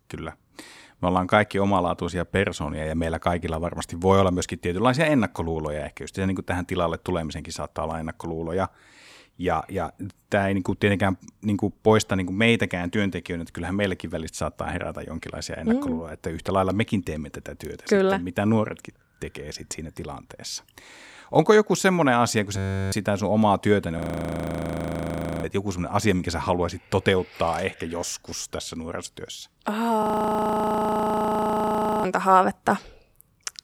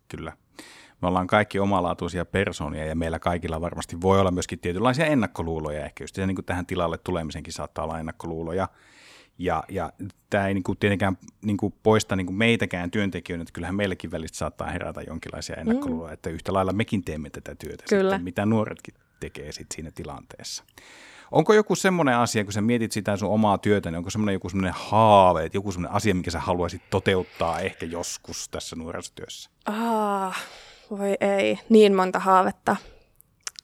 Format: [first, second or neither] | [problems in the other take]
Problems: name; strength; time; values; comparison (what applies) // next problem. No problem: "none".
second | audio freezing; at 23 s, at 24 s for 1.5 s and at 30 s for 2 s